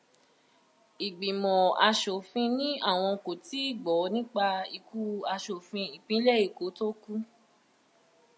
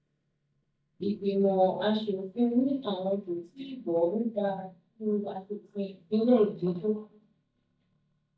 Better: first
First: none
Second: noise reduction (neural mask model DeepFilterNet 3)

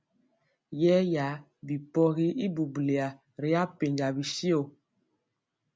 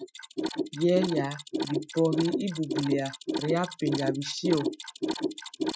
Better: first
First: none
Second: noise reduction (classical method Wiener filter)

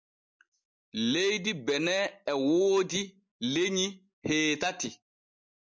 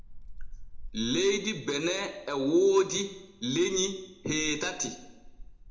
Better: first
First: none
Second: background sound (Wind); 14 dB below the speech // room echo; dies away in 0.6 s

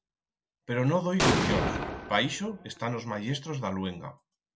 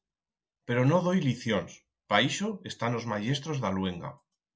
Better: second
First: background sound (Explosion); 1 dB above the speech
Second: none

